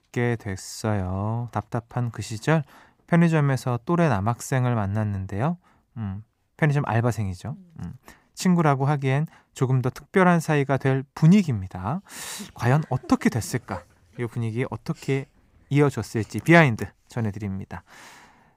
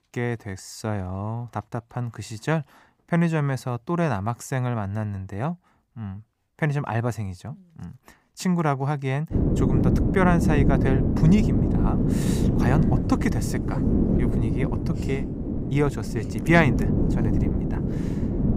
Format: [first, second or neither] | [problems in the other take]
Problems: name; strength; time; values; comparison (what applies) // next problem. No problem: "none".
first | wind noise on the microphone; heavy; from 9.5 s on; 2 dB below the speech